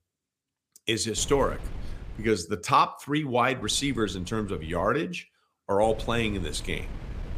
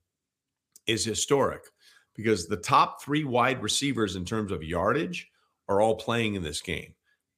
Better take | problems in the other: second | wind noise on the microphone; occasional gusts; from 1 to 2.5 s, from 3.5 to 5 s and from 6 s on; 25 dB below the speech

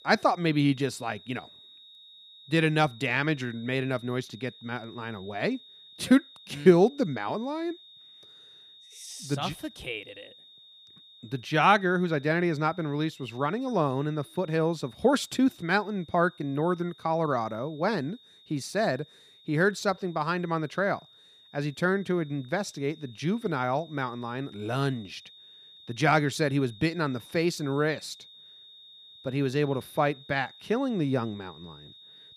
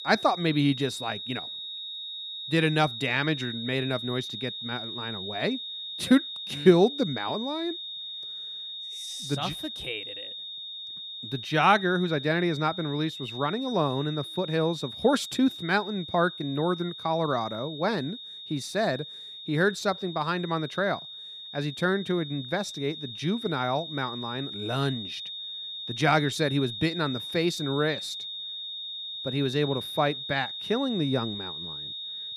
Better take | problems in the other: first | high-pitched whine; loud; throughout; 3.5 kHz, 8 dB below the speech; faint in the first

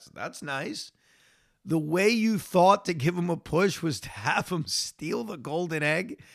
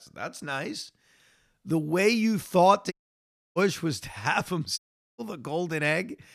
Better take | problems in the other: first | audio cutting out; at 3 s for 0.5 s and at 5 s

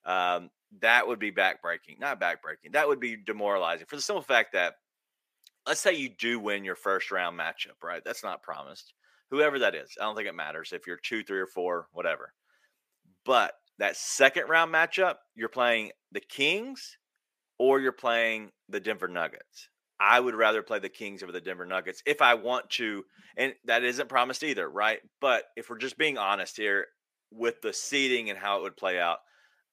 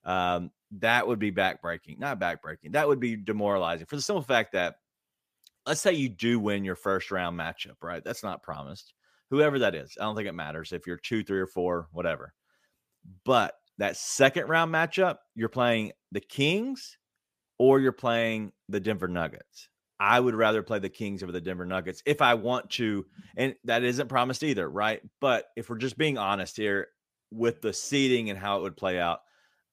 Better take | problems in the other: second | thin; somewhat; fading below 400 Hz

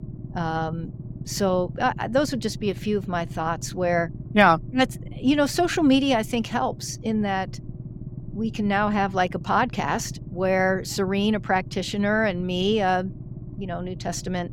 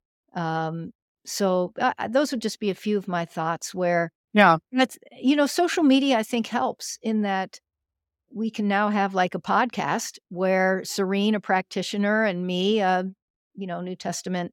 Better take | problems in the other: second | low rumble; faint; throughout; 25 dB below the speech

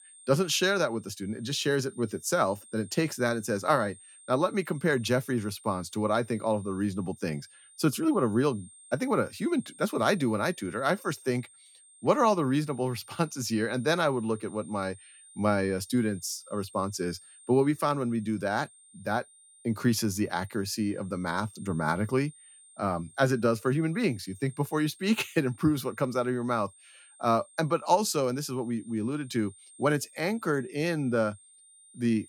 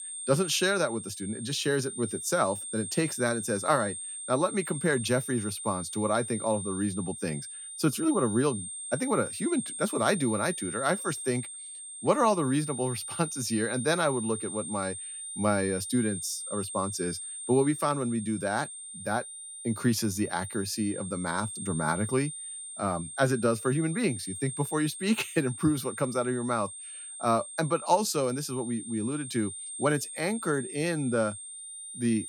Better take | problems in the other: first | high-pitched whine; loud; throughout; 8.5 kHz, 7 dB below the speech; faint in the first

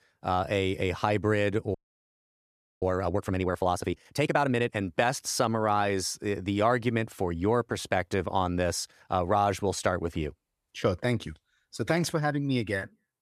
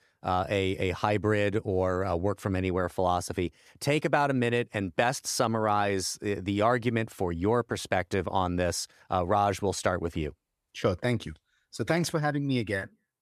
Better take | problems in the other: second | audio freezing; at 1.5 s for 1 s

